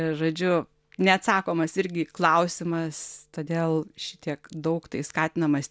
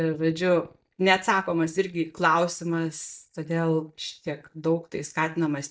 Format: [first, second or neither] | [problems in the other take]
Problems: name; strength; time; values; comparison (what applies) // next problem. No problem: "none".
first | noise reduction (neural mask model DeepFilterNet 3)